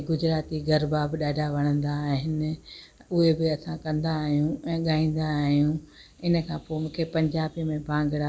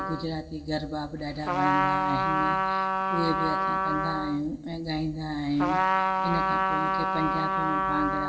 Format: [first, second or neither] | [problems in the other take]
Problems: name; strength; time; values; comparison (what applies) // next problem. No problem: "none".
first | background sound (Trumpet); 4 dB above the speech // room echo; dies away in 2.4 s